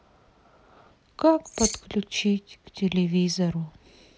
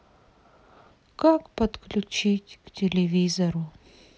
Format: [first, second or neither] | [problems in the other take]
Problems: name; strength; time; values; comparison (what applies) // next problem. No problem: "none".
second | background sound (Keys jangling); 3 dB below the speech